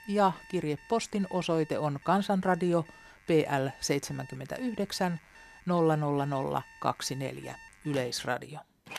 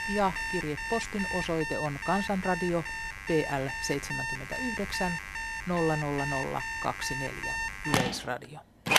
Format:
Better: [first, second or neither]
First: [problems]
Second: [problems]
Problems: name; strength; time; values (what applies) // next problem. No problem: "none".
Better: first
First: alarms or sirens; faint; throughout; 20 dB below the speech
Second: alarms or sirens; loud; throughout; 1 dB below the speech